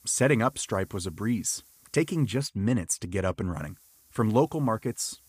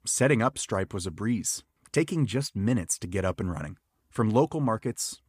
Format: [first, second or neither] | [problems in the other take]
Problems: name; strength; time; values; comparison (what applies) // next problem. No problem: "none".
second | hiss; faint; until 2.5 s and from 3.5 s on; 30 dB below the speech